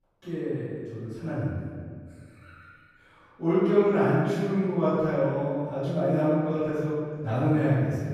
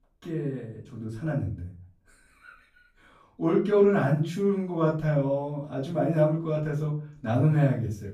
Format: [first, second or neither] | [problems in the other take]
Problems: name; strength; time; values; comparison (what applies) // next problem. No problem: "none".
second | room echo; strong; dies away in 1.8 s; slight in the second // off-mic speech; far; far in the second